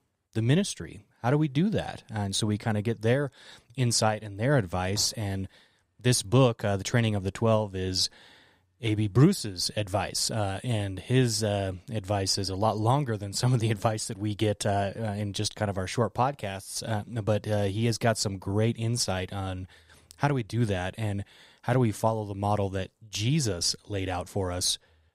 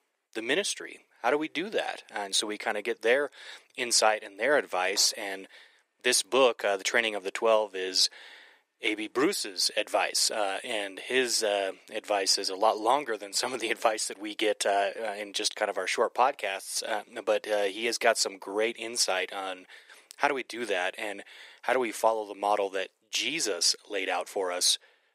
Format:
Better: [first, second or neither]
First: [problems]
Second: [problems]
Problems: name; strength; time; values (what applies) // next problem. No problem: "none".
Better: first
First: none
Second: thin; very; fading below 350 Hz